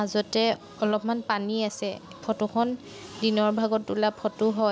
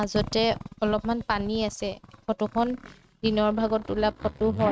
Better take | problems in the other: first | noise reduction (neural mask model RNNoise)

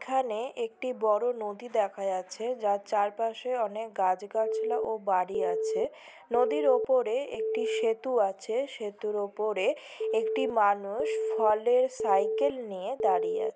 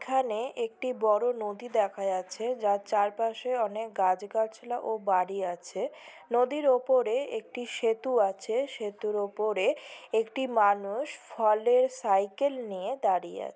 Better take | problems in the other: second | background sound (Telephone); 3 dB below the speech

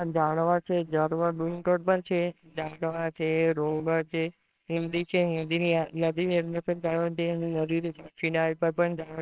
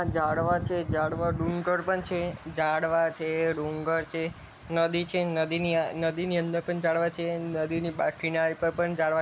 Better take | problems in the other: second | noise reduction (neural separator model SepFormer WHAMR!)

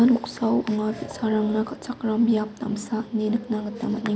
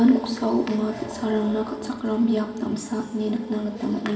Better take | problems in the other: first | room echo; dies away in 2.1 s

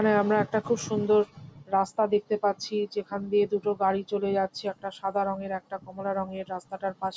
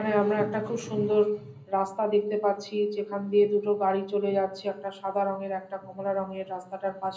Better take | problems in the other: first | room echo; dies away in 0.5 s

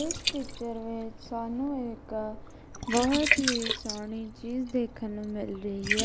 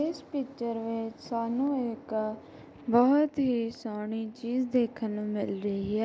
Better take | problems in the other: second | background sound (Liquid); 2 dB below the speech

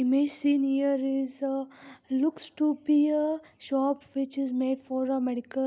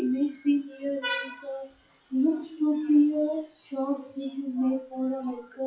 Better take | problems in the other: first | noise reduction (classical method WPE with log-MMSE)

